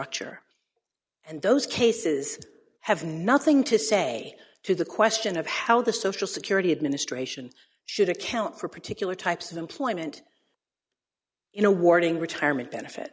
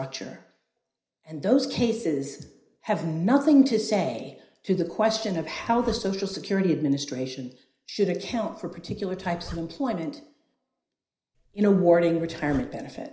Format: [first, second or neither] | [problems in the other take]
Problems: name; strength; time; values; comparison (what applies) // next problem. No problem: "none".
first | background sound (Zipper (clothing)); 20 dB below the speech // room echo; dies away in 0.5 s